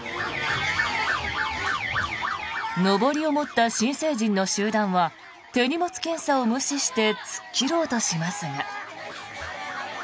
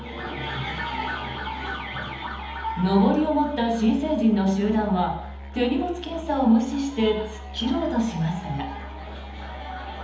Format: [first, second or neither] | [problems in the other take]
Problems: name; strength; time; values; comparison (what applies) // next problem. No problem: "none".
first | background sound (Musical instrument); 14 dB below the speech // room echo; dies away in 1.3 s